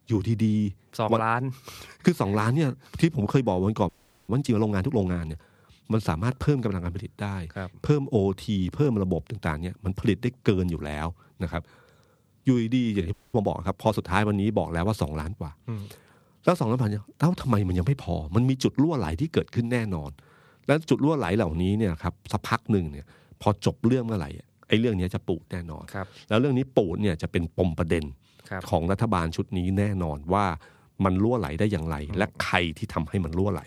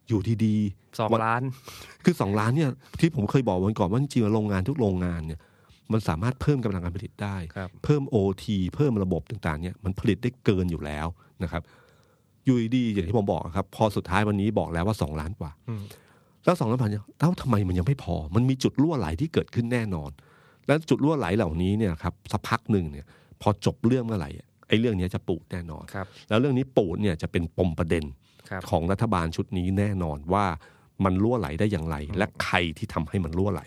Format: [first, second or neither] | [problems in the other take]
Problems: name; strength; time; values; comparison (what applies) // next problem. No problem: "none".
second | audio freezing; at 4 s and at 13 s